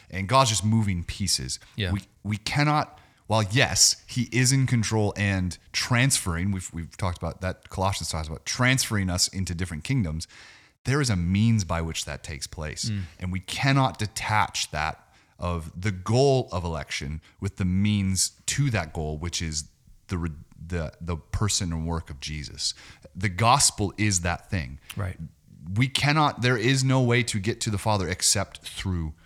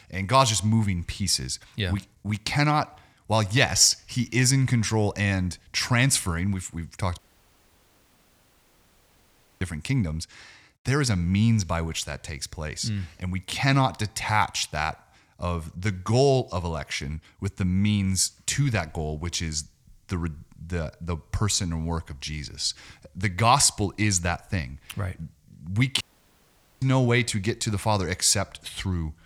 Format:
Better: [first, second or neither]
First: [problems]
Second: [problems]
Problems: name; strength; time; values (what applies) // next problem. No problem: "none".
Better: first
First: none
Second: audio cutting out; at 7 s for 2.5 s and at 26 s for 1 s